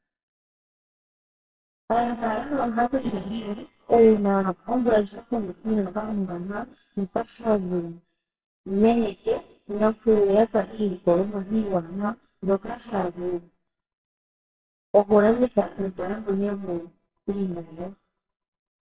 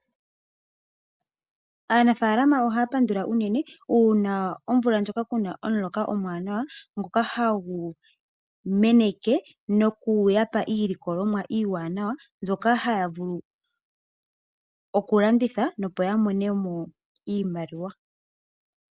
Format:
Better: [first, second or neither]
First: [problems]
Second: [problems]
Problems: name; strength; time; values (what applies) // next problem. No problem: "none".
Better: second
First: noise reduction (neural separator model SepFormer WHAMR!)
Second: none